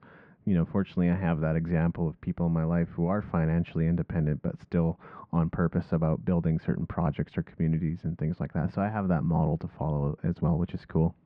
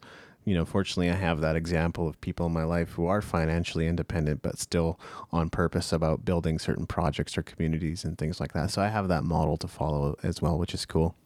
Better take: second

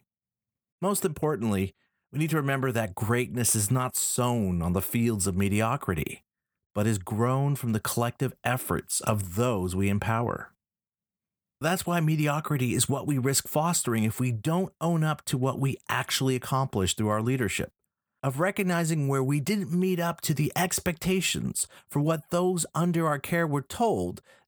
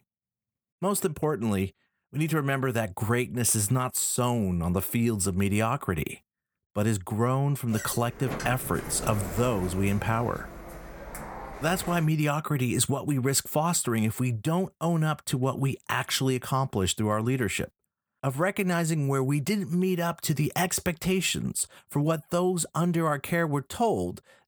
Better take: first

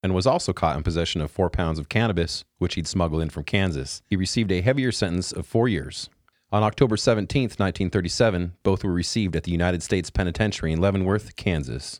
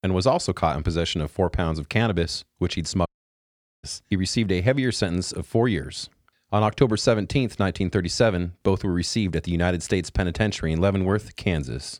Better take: first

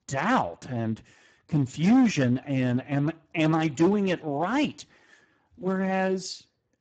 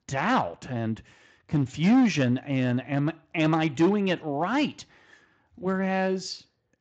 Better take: second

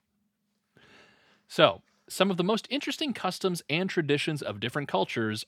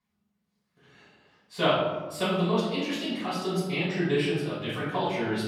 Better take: first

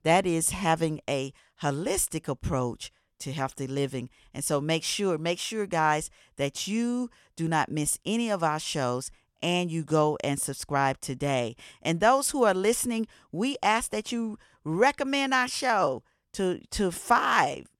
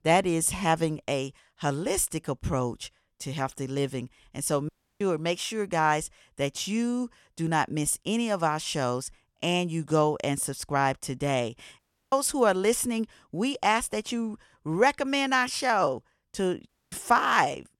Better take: first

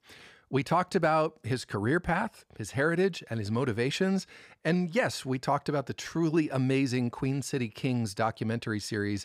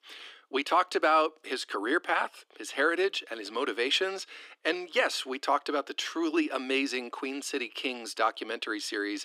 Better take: first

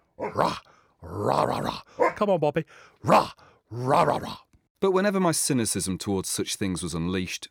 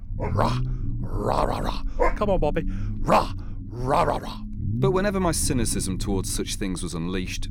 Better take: first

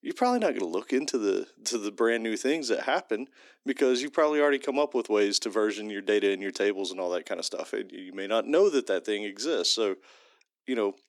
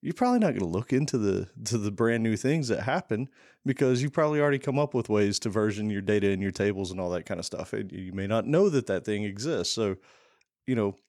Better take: second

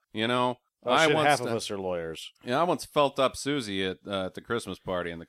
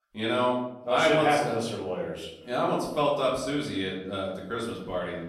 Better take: first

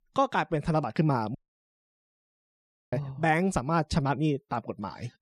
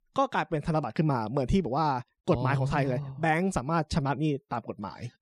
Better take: second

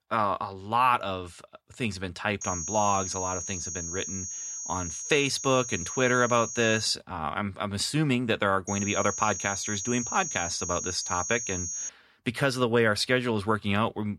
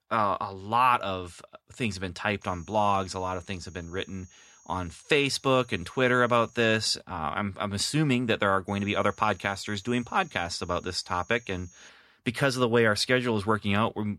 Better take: second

